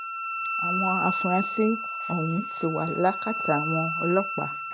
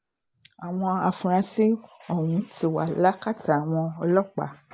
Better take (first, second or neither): second